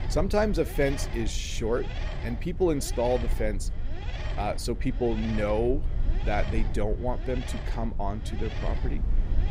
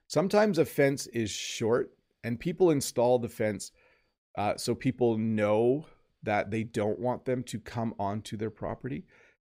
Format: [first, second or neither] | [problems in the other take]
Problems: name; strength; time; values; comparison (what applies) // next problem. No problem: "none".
second | low rumble; noticeable; throughout; 10 dB below the speech